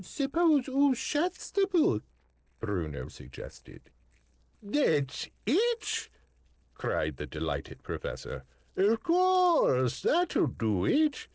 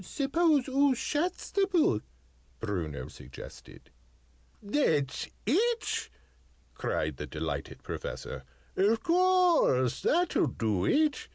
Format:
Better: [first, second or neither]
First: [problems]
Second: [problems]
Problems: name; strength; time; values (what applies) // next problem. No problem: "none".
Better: second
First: noise reduction (neural separator model SepFormer DNS4)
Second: none